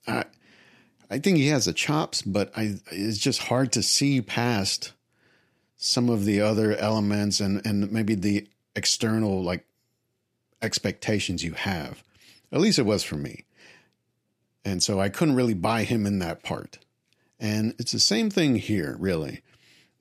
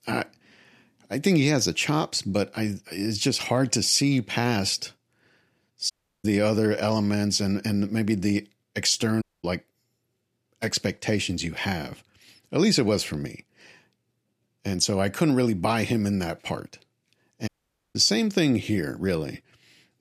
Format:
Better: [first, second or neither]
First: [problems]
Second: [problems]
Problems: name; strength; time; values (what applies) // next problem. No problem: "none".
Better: first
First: none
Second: audio cutting out; at 6 s, at 9 s and at 17 s